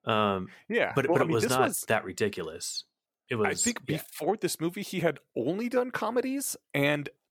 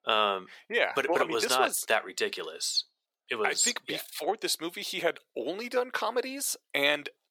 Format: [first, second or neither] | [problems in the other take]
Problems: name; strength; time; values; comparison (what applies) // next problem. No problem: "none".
first | thin; somewhat; fading below 450 Hz